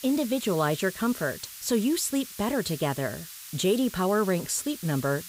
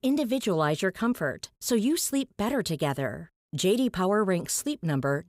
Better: second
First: hiss; noticeable; throughout; 15 dB below the speech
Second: none

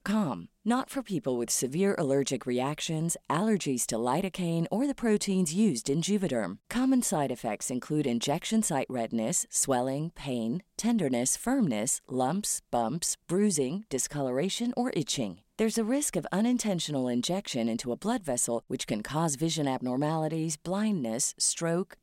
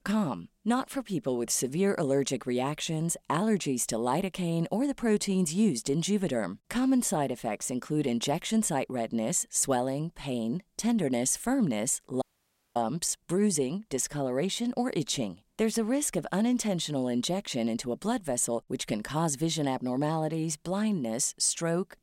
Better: first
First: none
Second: audio cutting out; at 12 s for 0.5 s

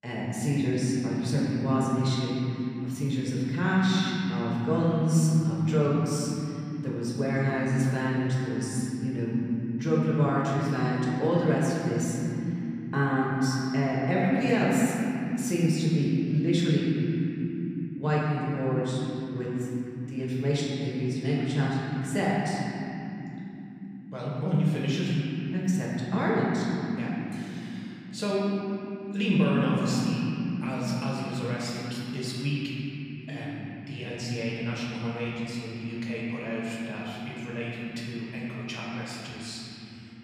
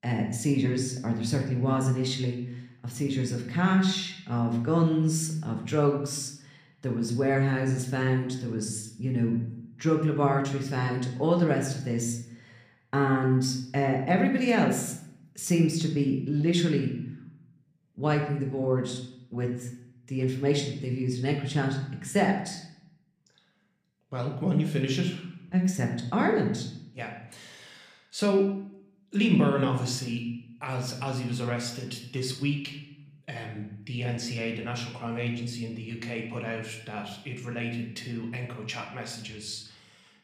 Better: second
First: room echo; strong; dies away in 3 s // off-mic speech; far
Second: room echo; slight; dies away in 0.7 s // off-mic speech; somewhat distant

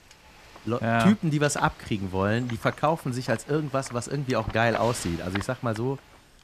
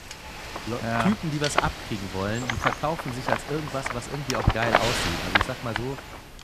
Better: first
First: wind noise on the microphone; occasional gusts; 15 dB below the speech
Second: wind noise on the microphone; heavy; 3 dB above the speech

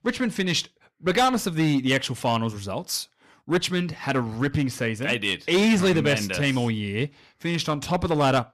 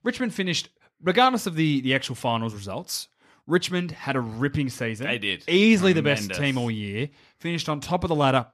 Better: second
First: distortion; slight; 6% of the sound clipped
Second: none

